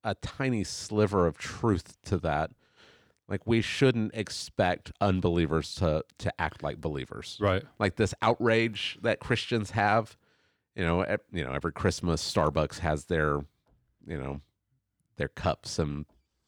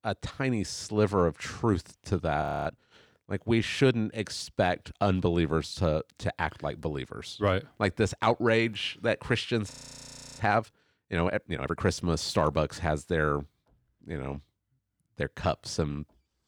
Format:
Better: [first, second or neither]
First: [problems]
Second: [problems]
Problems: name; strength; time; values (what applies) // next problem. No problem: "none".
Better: first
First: none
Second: audio freezing; at 2.5 s and at 9.5 s for 0.5 s